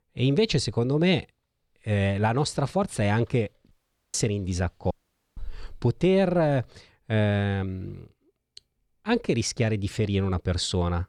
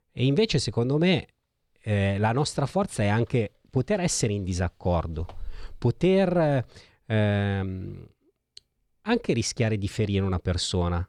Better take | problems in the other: second | audio cutting out; at 3.5 s and at 5 s

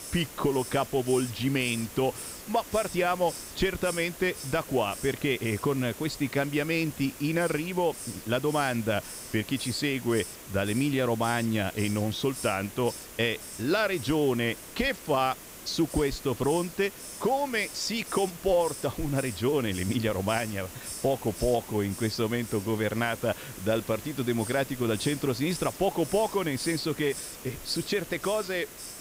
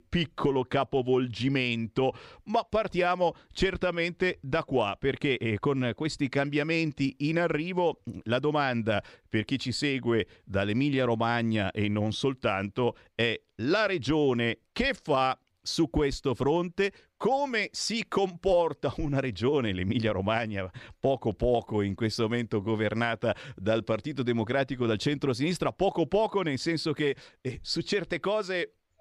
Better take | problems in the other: second | hiss; noticeable; throughout; 10 dB below the speech

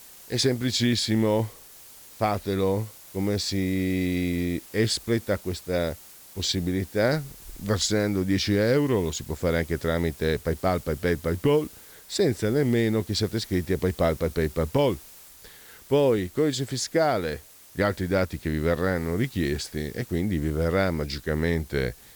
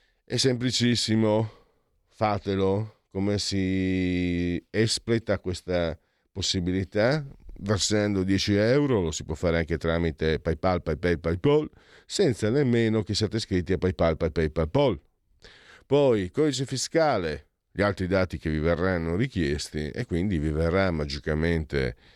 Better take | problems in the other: second | hiss; noticeable; throughout; 20 dB below the speech

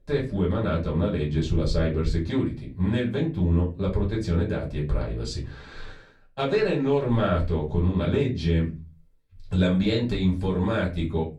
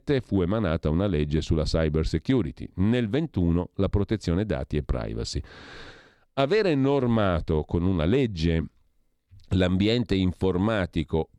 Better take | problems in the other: second | off-mic speech; far // room echo; very slight; dies away in 0.3 s

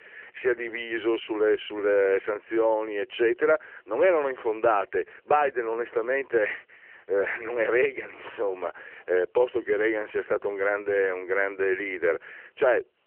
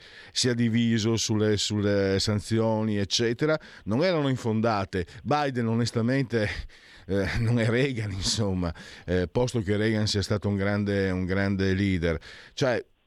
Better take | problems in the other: second | phone-call audio; nothing above 3 kHz

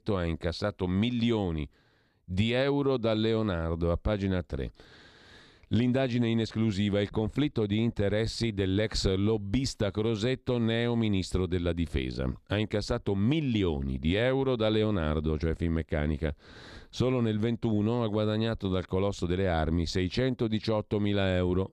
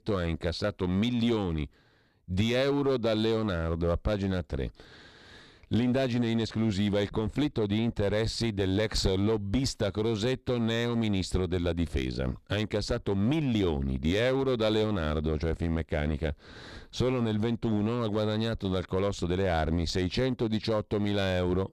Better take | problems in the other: first | distortion; slight; 8% of the sound clipped

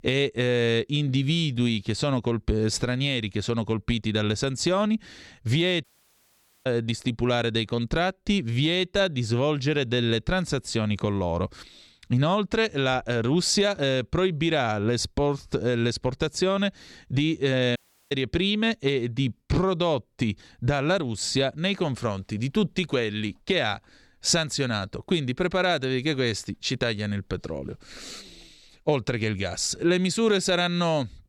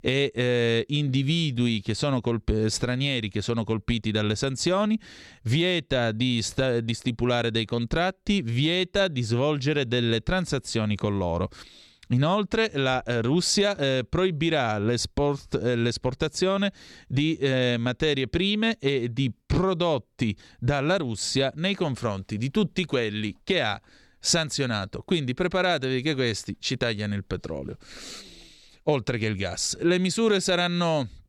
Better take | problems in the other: second | audio cutting out; at 6 s for 1 s and at 18 s

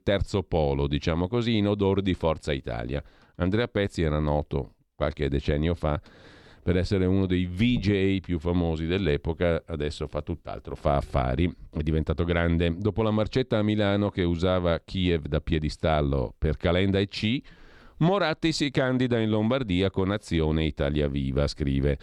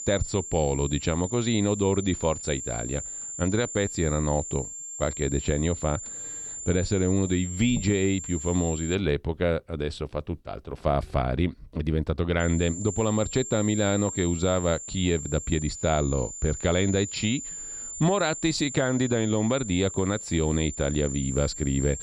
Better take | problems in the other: first | high-pitched whine; loud; until 9 s and from 12 s on; 7.5 kHz, 8 dB below the speech

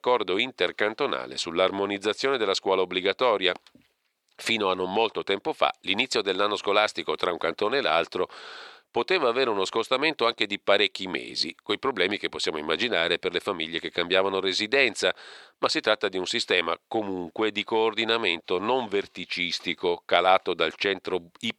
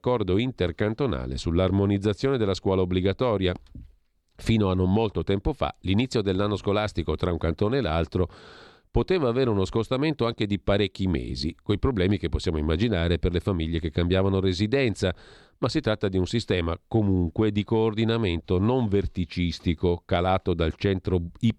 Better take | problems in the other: second | thin; very; fading below 600 Hz

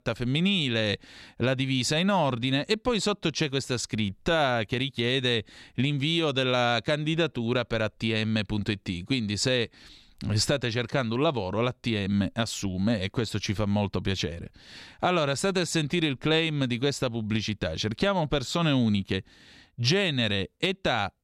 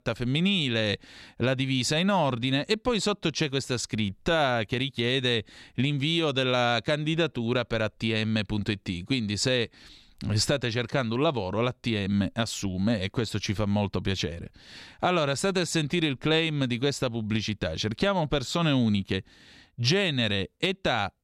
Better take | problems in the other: neither | none

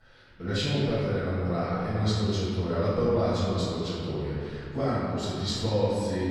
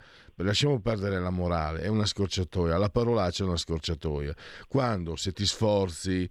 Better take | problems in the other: second | off-mic speech; far // room echo; strong; dies away in 2.4 s

